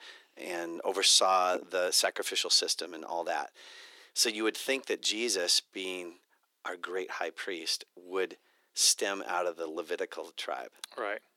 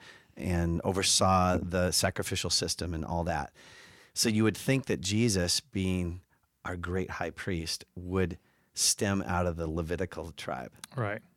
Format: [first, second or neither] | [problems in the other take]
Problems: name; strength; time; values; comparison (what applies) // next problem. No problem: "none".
second | thin; very; fading below 350 Hz